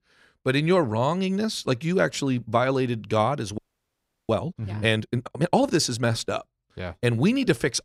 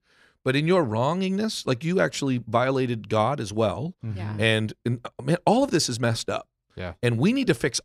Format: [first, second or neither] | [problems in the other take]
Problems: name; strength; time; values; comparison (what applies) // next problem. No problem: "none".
second | audio freezing; at 3.5 s for 0.5 s